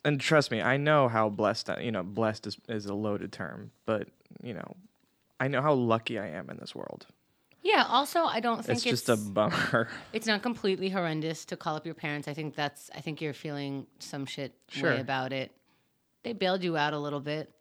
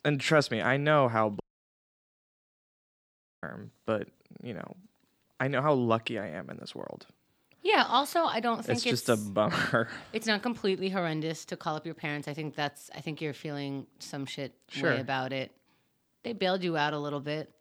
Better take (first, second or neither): first